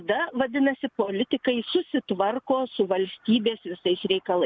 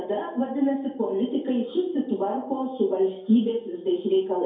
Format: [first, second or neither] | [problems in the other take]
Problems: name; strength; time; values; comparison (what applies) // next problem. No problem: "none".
first | room echo; dies away in 2.3 s